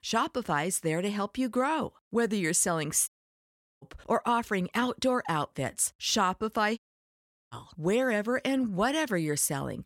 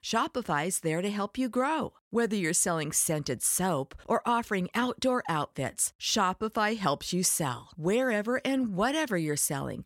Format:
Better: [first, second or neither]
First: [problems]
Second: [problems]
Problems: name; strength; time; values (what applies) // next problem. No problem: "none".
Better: second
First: audio cutting out; at 3 s for 0.5 s and at 7 s for 0.5 s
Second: none